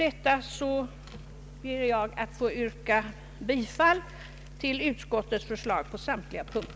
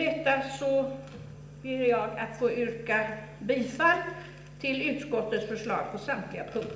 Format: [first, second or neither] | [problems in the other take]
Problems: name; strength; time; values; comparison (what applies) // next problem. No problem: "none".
first | room echo; dies away in 0.8 s